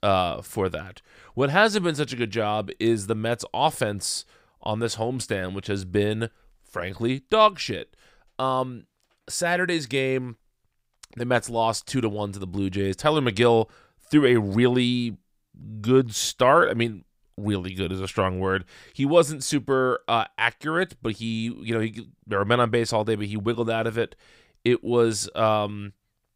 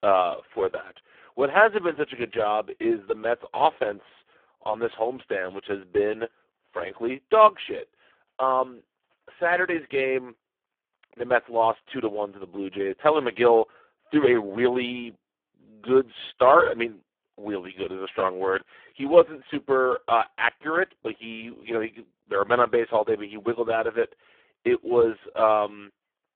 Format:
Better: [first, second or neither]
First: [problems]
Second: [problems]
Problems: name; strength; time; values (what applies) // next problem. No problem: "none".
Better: first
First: none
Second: phone-call audio; poor line